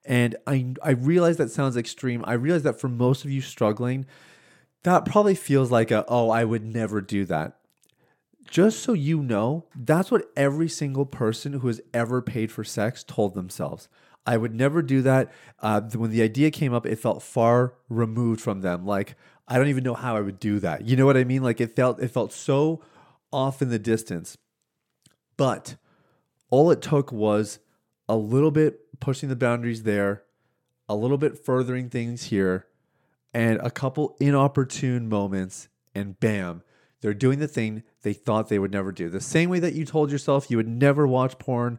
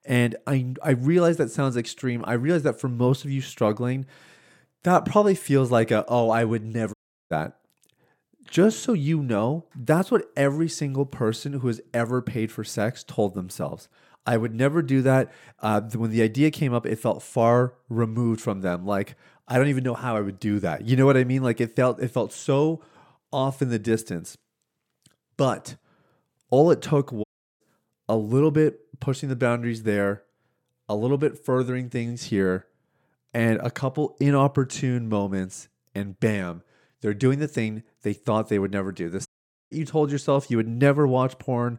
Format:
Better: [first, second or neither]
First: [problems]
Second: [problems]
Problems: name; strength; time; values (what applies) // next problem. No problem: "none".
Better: first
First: none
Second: audio cutting out; at 7 s, at 27 s and at 39 s